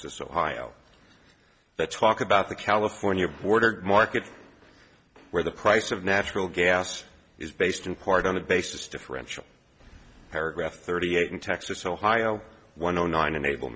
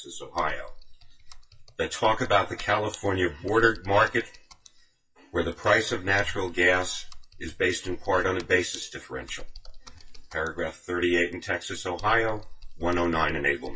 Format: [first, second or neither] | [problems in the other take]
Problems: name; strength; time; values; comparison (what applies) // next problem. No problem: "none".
first | noise reduction (classical method WPE with log-MMSE)